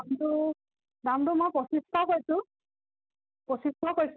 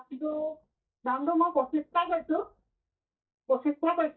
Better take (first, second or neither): first